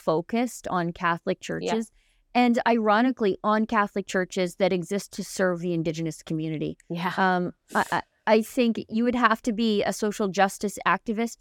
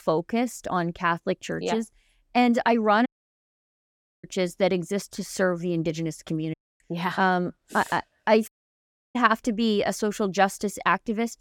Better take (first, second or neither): first